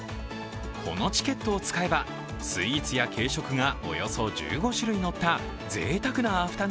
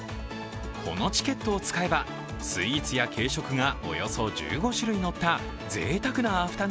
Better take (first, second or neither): second